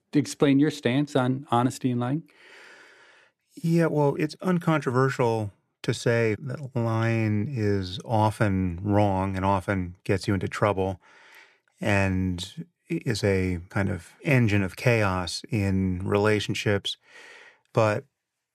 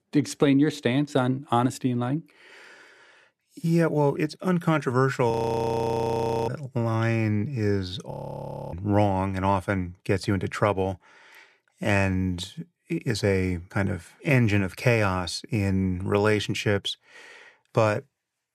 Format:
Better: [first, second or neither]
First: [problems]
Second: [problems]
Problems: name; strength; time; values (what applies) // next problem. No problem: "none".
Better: first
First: none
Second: audio freezing; at 5.5 s for 1 s and at 8 s for 0.5 s